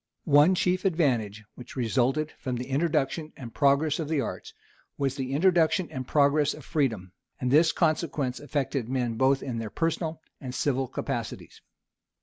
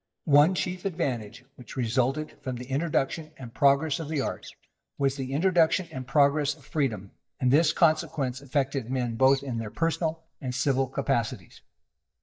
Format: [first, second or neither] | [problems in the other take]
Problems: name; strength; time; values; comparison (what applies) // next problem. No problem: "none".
first | noise reduction (neural mask model DeepFilterNet 3)